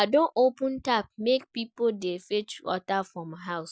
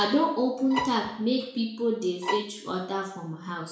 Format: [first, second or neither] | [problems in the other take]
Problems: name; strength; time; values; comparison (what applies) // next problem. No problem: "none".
first | background sound (Bowed string instrument); 6 dB below the speech // room echo; dies away in 0.6 s